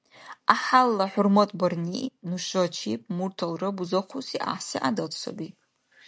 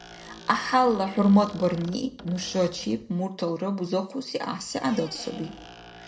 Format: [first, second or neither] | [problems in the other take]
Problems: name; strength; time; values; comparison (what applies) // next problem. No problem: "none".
first | background sound (Squeak); 19 dB below the speech // room echo; dies away in 0.4 s